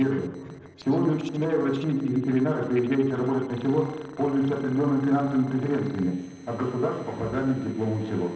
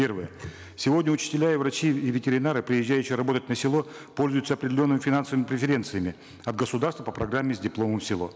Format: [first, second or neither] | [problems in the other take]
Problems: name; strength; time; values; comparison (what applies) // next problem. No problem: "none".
second | noise reduction (neural separator model SepFormer DNS4)